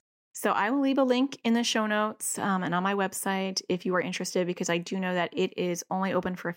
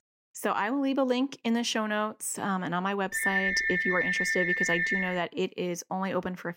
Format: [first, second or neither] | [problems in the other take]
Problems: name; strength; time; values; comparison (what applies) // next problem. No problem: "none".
first | phone ringing; loud; from 3 to 5 s; peak 4 dB above the speech